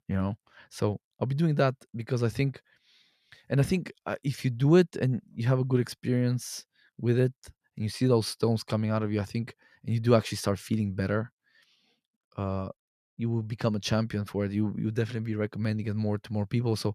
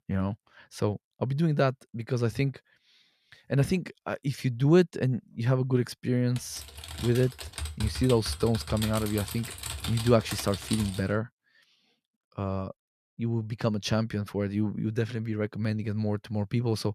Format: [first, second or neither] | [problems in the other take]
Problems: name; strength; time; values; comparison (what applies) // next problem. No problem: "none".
first | keyboard typing; noticeable; from 6.5 to 11 s; peak 6 dB below the speech